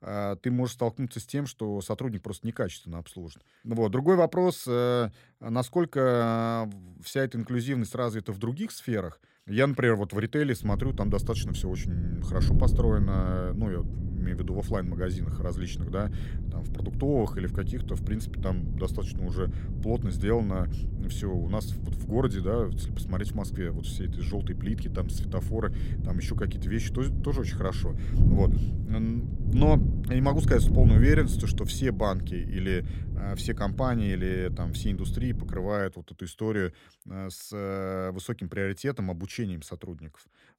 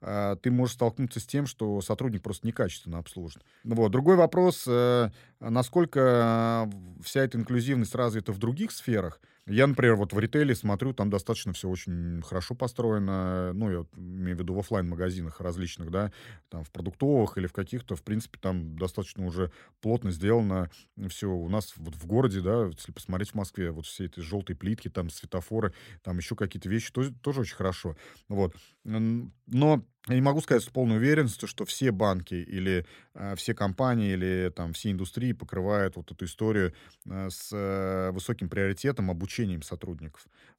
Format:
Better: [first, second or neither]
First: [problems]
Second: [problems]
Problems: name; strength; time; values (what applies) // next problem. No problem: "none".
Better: second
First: wind noise on the microphone; occasional gusts; from 11 to 36 s; 10 dB below the speech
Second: none